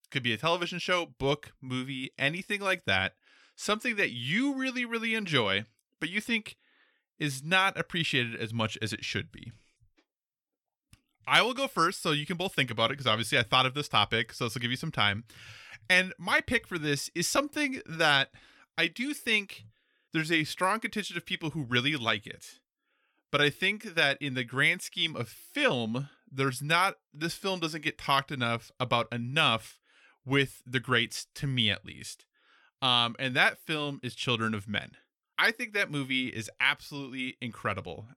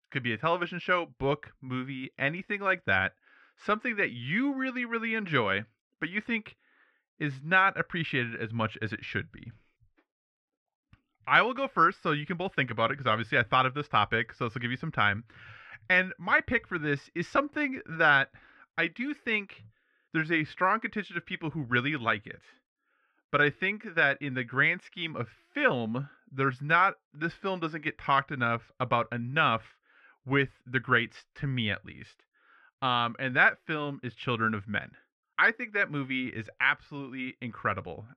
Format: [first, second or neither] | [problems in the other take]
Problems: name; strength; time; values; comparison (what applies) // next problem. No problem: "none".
first | muffled; very; fading above 2 kHz